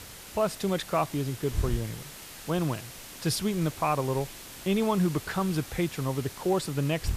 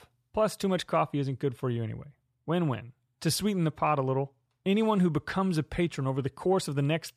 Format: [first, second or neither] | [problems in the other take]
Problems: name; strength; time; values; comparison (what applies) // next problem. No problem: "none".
second | hiss; noticeable; throughout; 10 dB below the speech